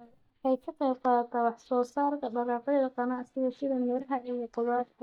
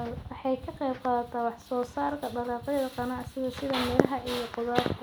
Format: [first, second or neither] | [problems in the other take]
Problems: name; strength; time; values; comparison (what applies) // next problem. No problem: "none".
second | noise reduction (neural mask model DeepFilterNet 3)